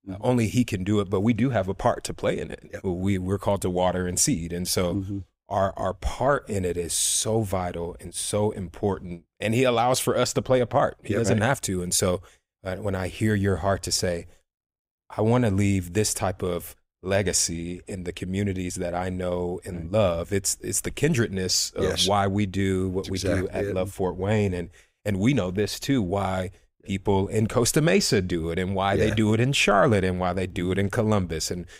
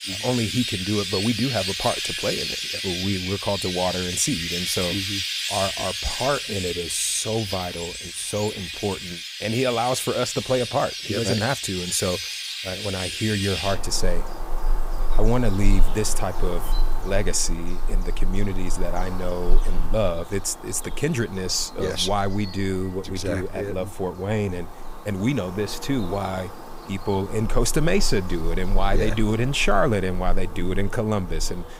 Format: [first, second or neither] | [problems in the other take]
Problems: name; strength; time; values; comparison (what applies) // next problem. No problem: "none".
first | animal sounds; loud; throughout; 3 dB below the speech